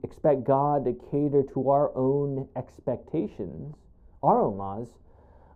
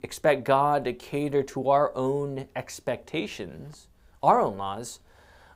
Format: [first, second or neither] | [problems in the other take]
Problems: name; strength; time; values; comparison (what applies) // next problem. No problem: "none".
second | muffled; very; fading above 1 kHz